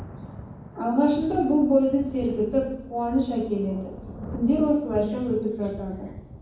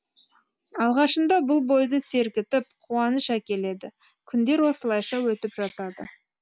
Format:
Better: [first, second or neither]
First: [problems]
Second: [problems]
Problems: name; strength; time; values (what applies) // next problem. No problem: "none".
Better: second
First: background sound (Thunder / Rain); 15 dB below the speech // room echo; dies away in 1.2 s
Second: none